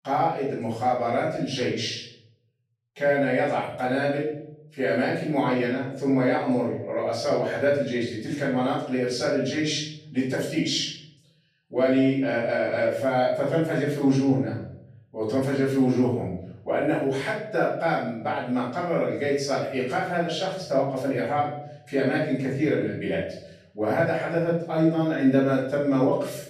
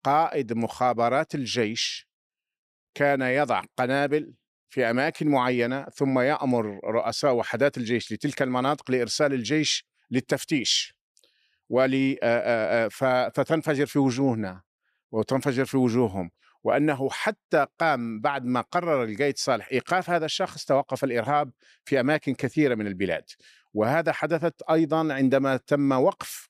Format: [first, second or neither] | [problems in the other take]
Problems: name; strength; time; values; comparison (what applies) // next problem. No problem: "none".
second | off-mic speech; far // room echo; noticeable; dies away in 0.7 s